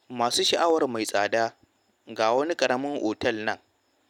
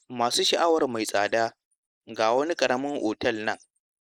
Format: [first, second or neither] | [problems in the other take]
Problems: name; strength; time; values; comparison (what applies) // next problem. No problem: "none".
first | noise reduction (neural mask model Resemble Enhance denoiser)